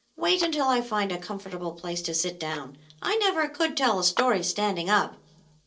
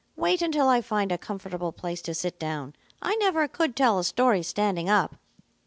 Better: second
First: noise reduction (neural separator model SepFormer DNS4)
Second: none

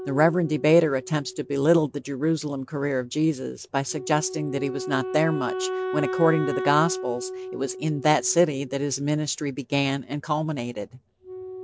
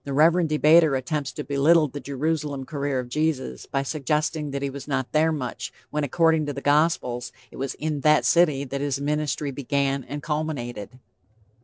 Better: second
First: background sound (Wind instrument, woodwind instrument); 10 dB below the speech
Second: none

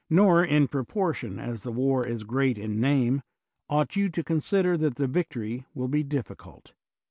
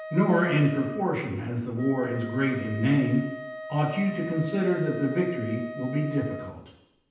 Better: first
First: none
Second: background sound (Wind instrument, woodwind instrument); 13 dB below the speech // room echo; dies away in 0.9 s

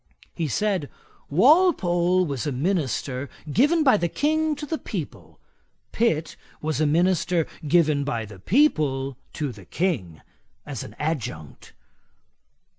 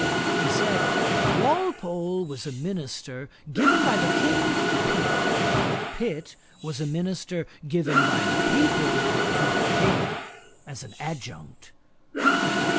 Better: first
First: none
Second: background sound (Mechanisms); 4 dB above the speech

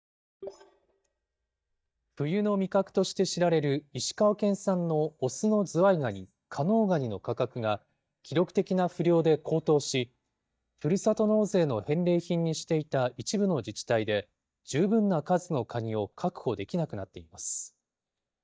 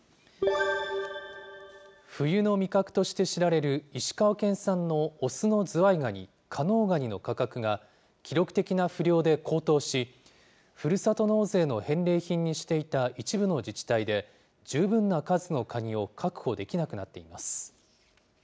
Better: second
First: noise reduction (neural mask model DeepFilterNet 3)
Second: none

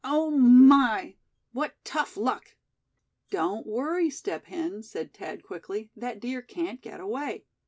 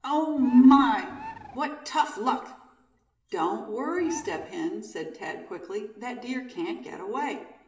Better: first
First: none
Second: background sound (Bird); 15 dB below the speech // room echo; dies away in 0.9 s

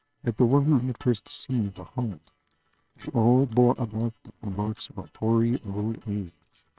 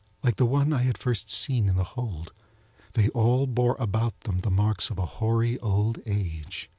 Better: second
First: noise reduction (neural separator model SepFormer WHAMR!)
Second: none

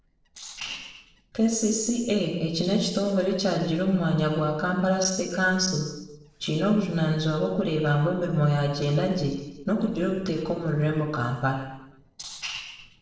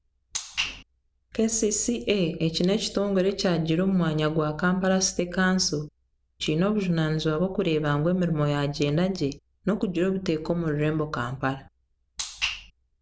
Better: second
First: noise reduction (neural separator model SepFormer DNS4)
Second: none

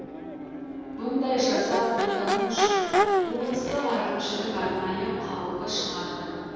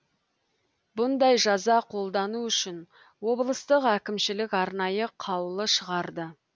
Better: second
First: background sound (Crowd / Race car, auto racing / Accelerating, revving, vroom); as loud as the speech // room echo; dies away in 2.1 s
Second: none

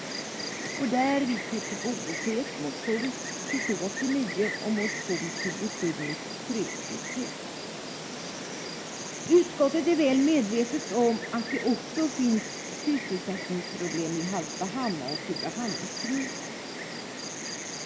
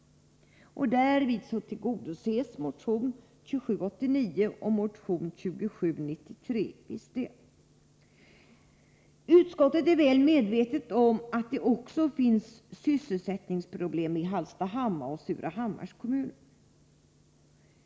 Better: second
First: background sound (Insect); 6 dB below the speech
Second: none

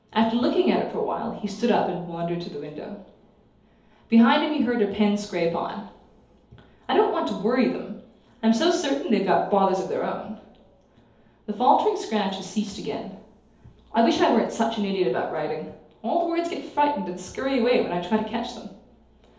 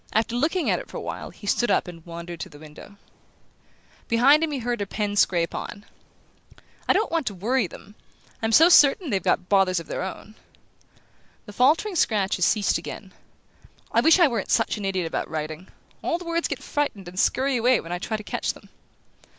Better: second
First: room echo; dies away in 2.2 s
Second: none

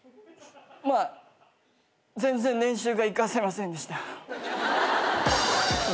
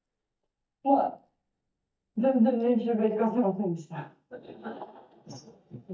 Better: first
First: none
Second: noise reduction (neural mask model DeepFilterNet 3)

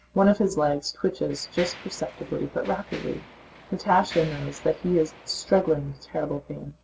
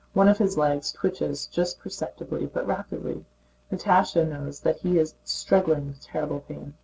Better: second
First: background sound (Mechanisms); 19 dB below the speech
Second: none

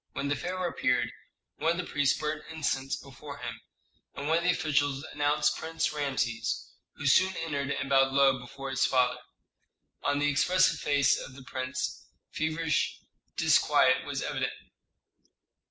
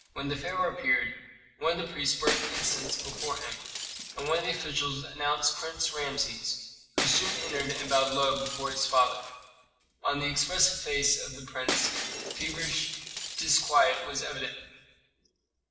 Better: first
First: none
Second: background sound (Shatter); 8 dB below the speech // room echo; dies away in 1.2 s

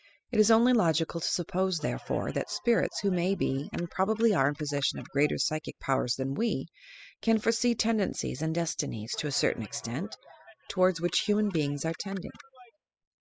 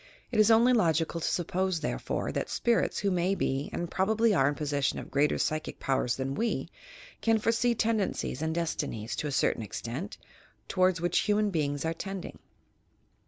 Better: second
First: noise reduction (classical method spectral subtraction)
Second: none

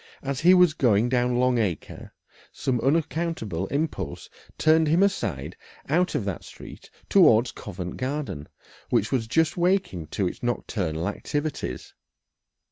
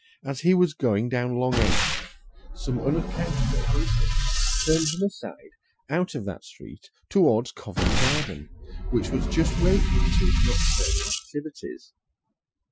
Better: first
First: none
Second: noise reduction (classical method Wiener filter)

